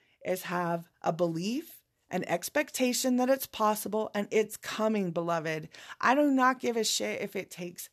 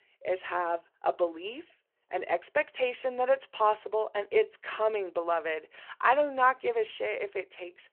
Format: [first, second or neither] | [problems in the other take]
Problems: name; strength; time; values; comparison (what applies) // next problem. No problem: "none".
first | phone-call audio